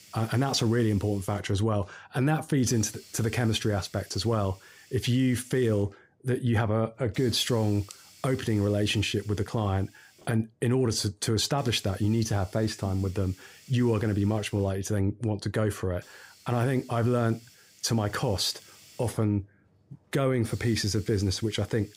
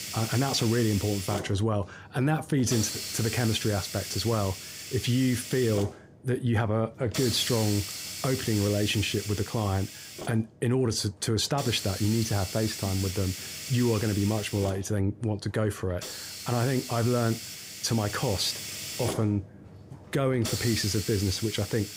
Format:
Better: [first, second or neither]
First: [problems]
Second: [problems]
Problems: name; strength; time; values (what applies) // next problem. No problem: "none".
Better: first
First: hiss; faint; throughout; 25 dB below the speech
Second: hiss; loud; throughout; 7 dB below the speech